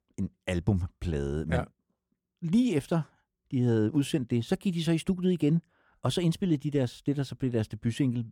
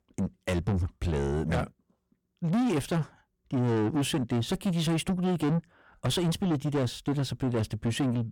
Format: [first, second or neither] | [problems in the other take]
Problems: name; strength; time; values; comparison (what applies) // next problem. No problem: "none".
first | distortion; heavy; 8 dB below the speech